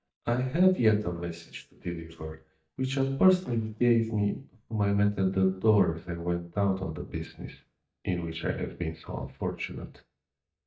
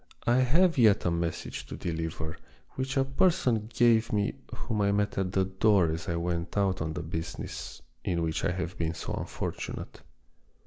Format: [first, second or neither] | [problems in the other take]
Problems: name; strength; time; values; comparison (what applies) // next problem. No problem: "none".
second | noise reduction (neural mask model DeepFilterNet 3)